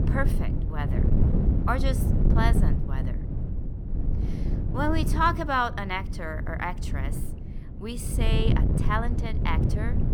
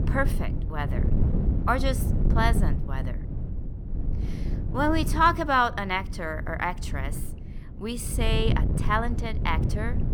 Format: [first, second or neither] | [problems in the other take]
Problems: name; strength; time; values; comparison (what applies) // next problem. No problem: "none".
second | wind noise on the microphone; heavy; 9 dB below the speech; occasional gusts in the second